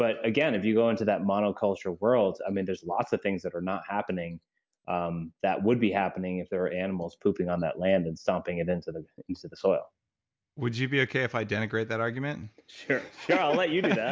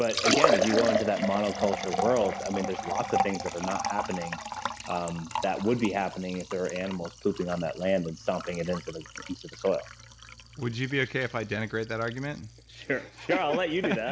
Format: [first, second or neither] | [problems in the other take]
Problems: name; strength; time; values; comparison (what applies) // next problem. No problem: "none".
first | background sound (Liquid); 3 dB below the speech